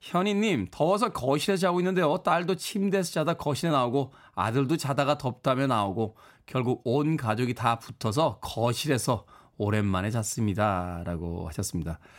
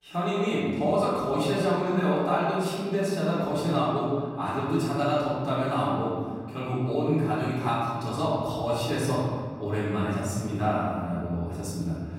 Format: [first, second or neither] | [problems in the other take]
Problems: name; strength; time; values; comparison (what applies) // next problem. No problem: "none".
first | off-mic speech; far // room echo; strong; dies away in 1.8 s